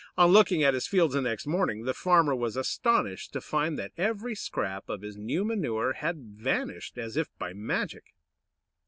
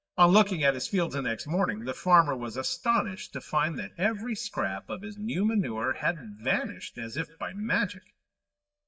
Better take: first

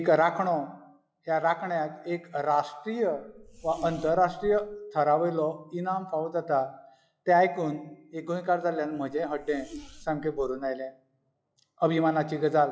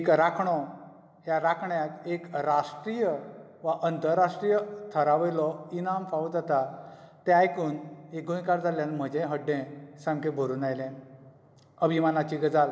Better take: second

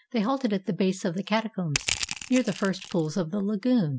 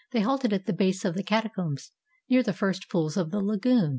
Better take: second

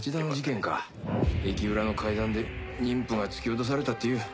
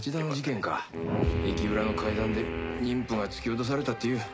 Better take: first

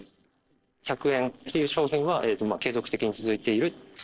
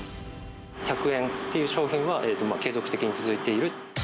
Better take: second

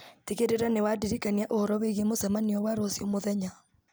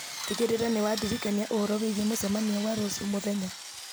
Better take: first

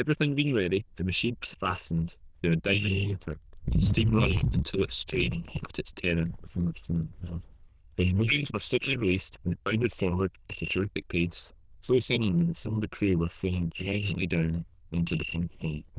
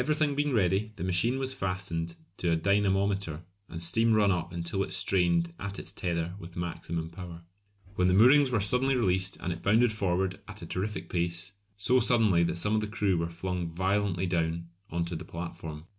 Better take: second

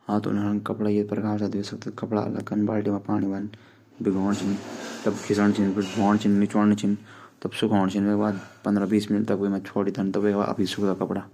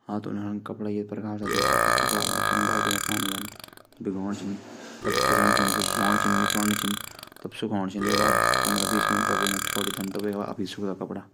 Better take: first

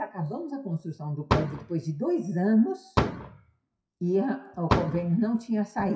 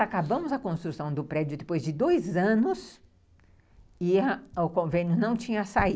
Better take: second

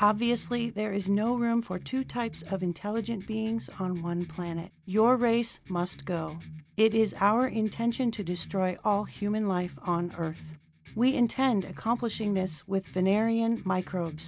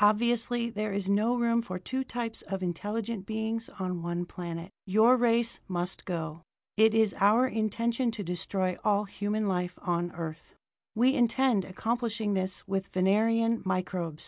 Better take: second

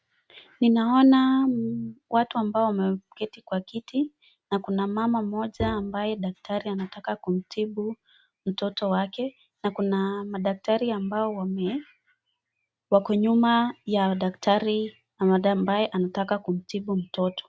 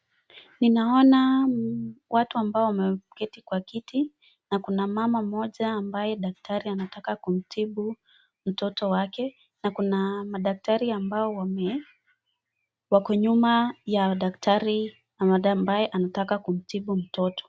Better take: second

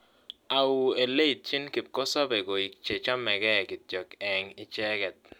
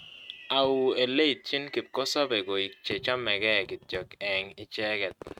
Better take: first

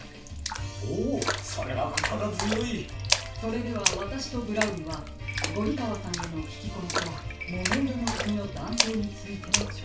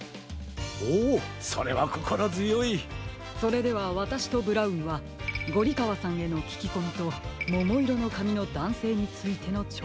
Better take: second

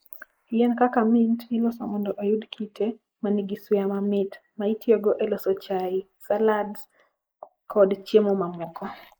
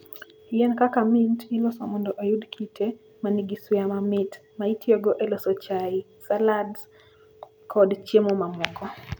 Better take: second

